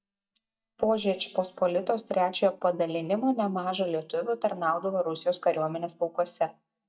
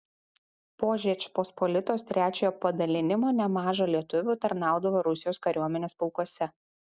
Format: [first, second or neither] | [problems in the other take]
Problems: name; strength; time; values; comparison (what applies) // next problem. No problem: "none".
second | noise reduction (neural mask model DeepFilterNet 3)